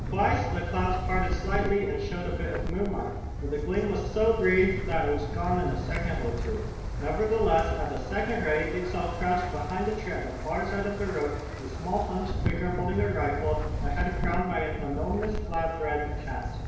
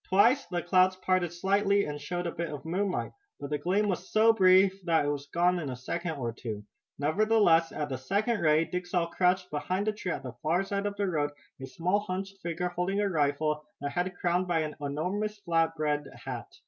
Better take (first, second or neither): second